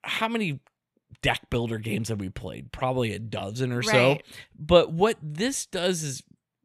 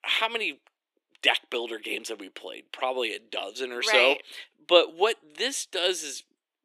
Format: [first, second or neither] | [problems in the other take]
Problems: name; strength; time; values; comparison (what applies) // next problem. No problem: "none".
first | thin; very; fading below 300 Hz